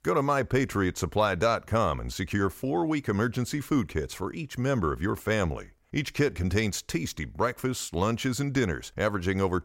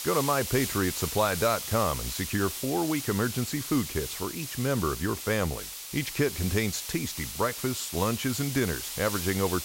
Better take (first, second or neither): first